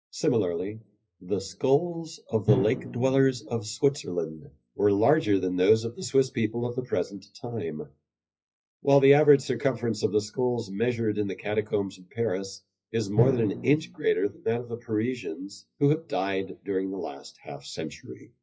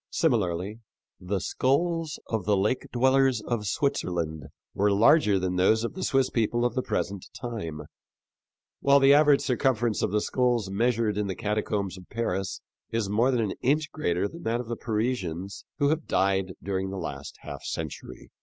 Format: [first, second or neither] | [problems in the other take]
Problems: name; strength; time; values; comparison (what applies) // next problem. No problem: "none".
second | noise reduction (classical method WPE with log-MMSE)